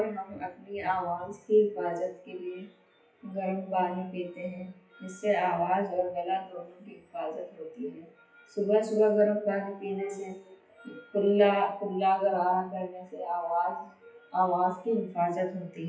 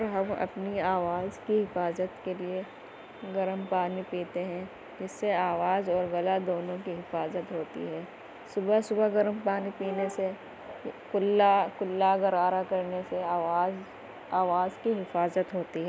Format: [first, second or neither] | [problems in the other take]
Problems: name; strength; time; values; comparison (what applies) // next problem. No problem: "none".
second | noise reduction (classical method WPE with log-MMSE)